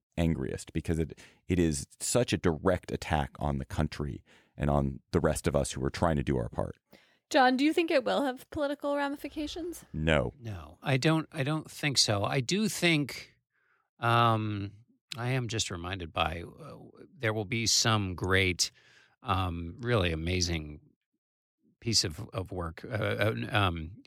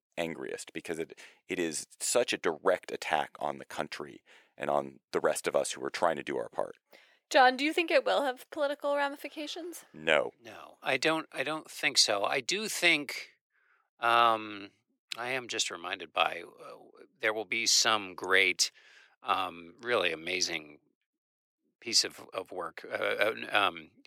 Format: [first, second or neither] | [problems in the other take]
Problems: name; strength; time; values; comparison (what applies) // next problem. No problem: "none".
first | thin; very; fading below 500 Hz